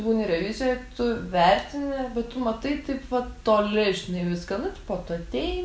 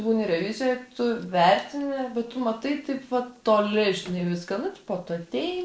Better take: first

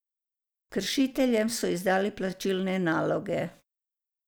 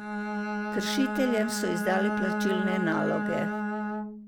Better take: first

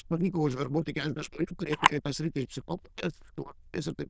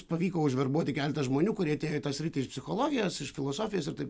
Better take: second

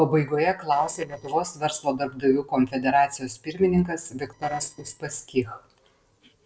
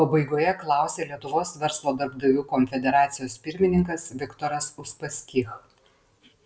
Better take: second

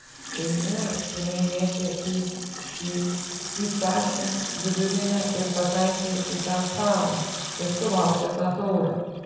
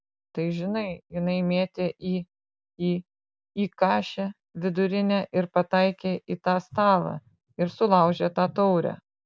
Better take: second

